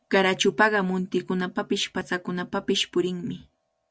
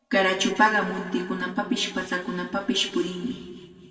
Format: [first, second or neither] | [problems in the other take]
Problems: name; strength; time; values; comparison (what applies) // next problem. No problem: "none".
first | room echo; dies away in 1.8 s